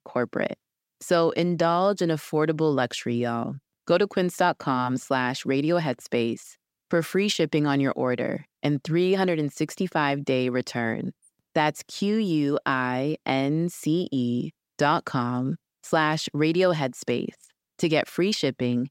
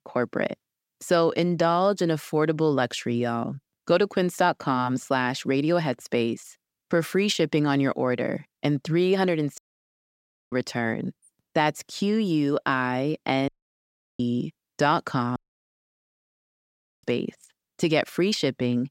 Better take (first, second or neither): first